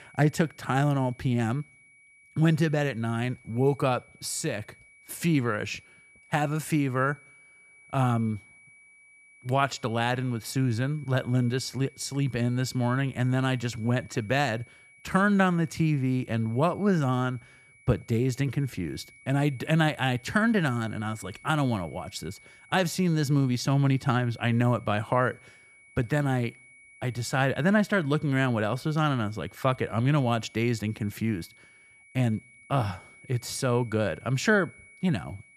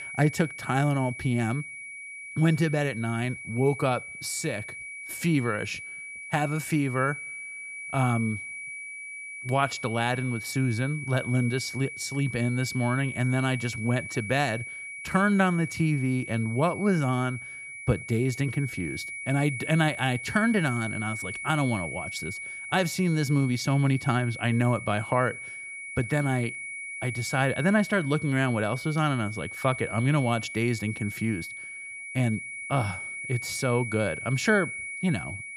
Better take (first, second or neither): first